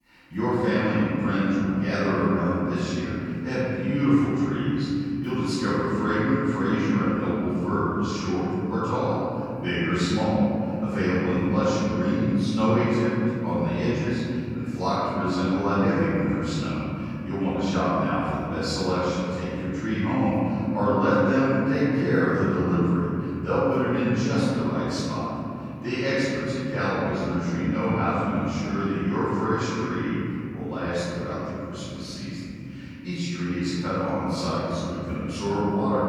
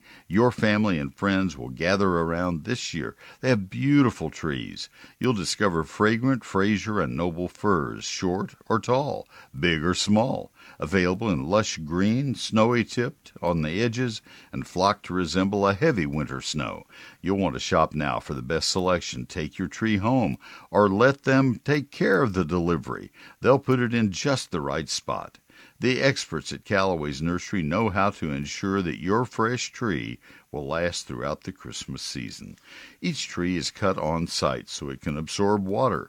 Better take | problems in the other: second | off-mic speech; far // room echo; strong; dies away in 3 s

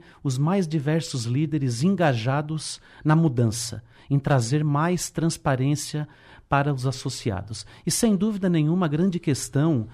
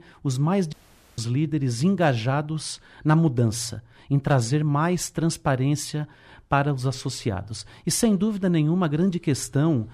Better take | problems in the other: first | audio cutting out; at 0.5 s

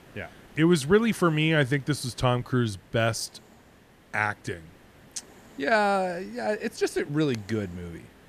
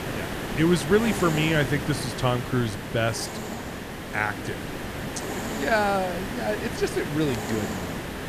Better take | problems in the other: first | hiss; loud; throughout; 6 dB below the speech; faint in the first

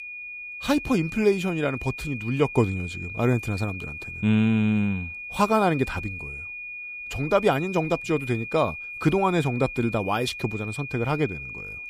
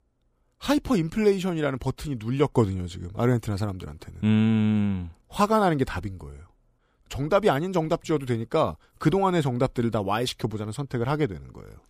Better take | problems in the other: second | high-pitched whine; loud; throughout; 2.5 kHz, 9 dB below the speech

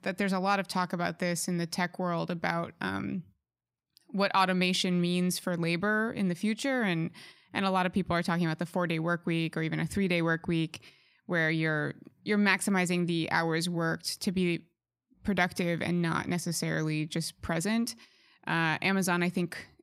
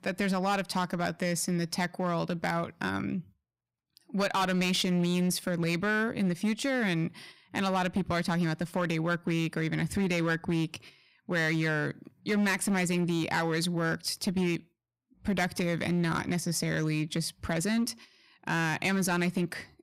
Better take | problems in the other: first | distortion; slight; 8% of the sound clipped

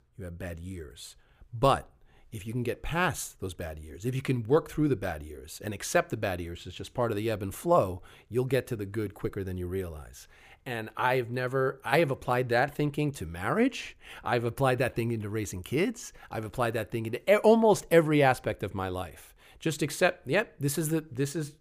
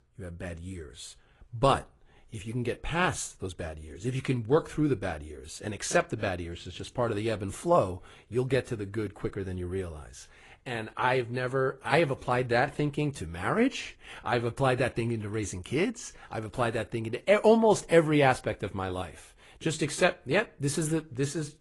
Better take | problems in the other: first | garbled, watery; slightly; nothing above 10.5 kHz

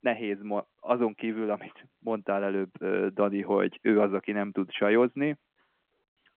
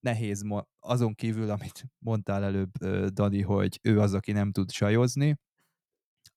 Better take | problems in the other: second | phone-call audio

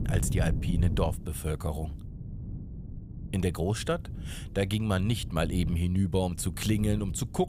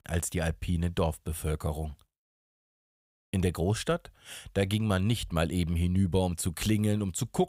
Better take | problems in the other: second | wind noise on the microphone; occasional gusts; 15 dB below the speech

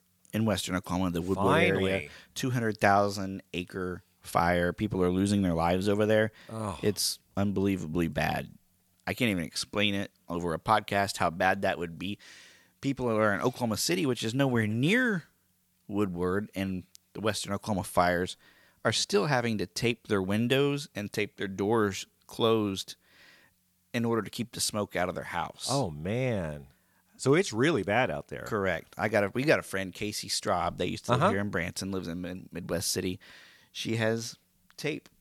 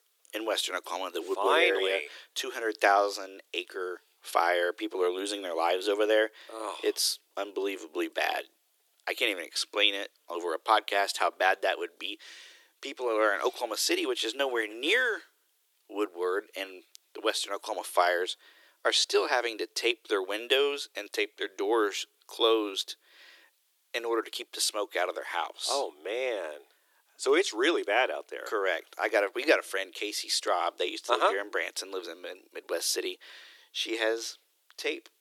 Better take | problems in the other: first | thin; very; fading below 300 Hz

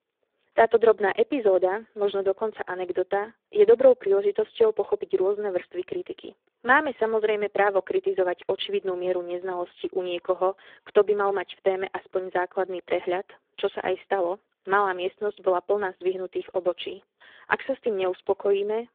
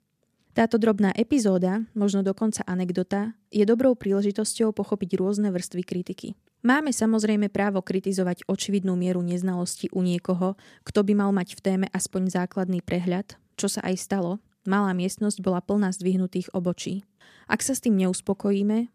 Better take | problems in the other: second | phone-call audio; poor line

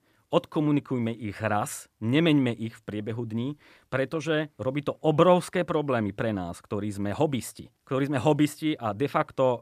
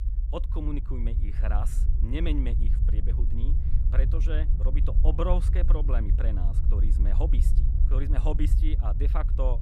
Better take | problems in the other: first | low rumble; loud; throughout; 8 dB below the speech

